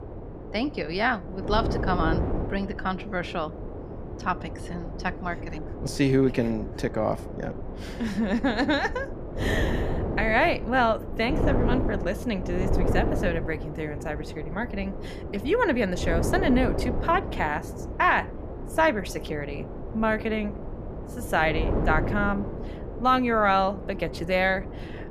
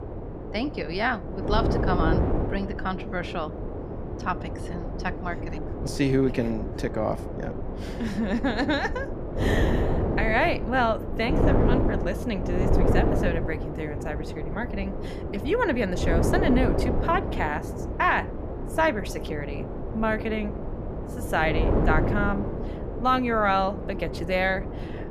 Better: first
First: wind noise on the microphone; occasional gusts; 10 dB below the speech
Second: wind noise on the microphone; heavy; 6 dB below the speech

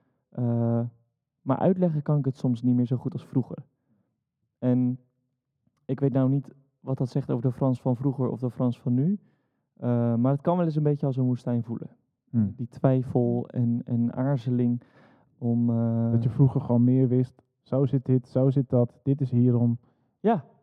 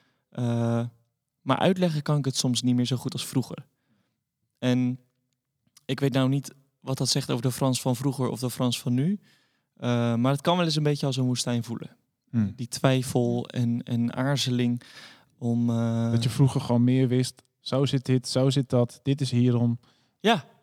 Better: second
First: muffled; very; fading above 2 kHz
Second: none

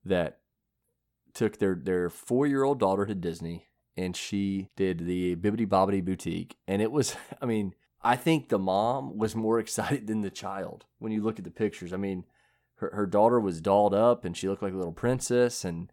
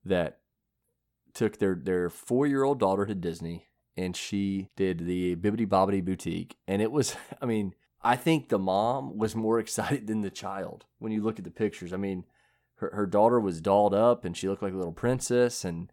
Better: neither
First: none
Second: none

